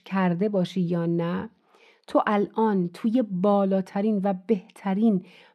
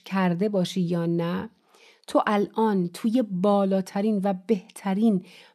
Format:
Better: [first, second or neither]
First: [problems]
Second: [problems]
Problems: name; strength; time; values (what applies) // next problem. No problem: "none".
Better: second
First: muffled; very slightly; fading above 4 kHz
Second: none